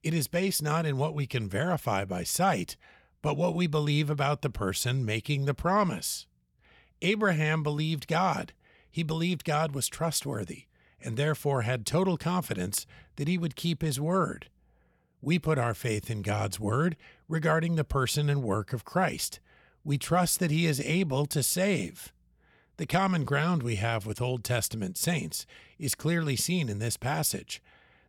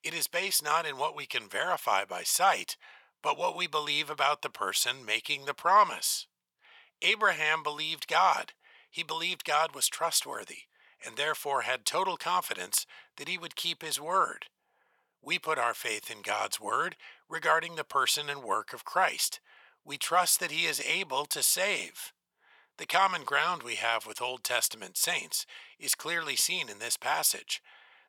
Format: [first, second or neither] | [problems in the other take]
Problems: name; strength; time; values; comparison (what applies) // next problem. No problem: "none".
first | thin; very; fading below 750 Hz